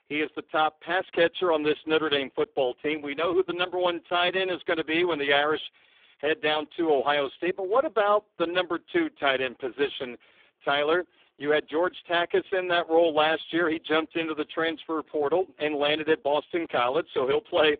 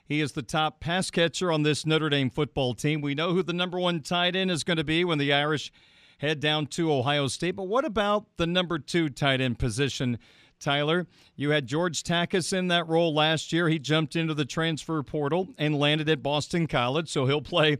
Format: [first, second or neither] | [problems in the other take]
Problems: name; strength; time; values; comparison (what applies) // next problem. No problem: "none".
second | phone-call audio; poor line; nothing above 3.5 kHz